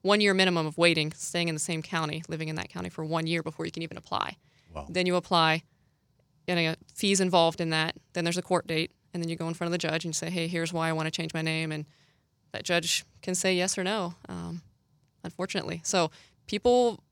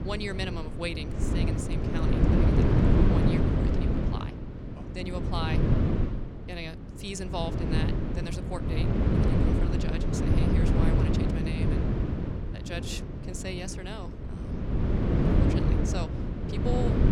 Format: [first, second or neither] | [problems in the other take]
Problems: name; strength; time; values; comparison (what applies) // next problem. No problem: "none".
first | wind noise on the microphone; heavy; 4 dB above the speech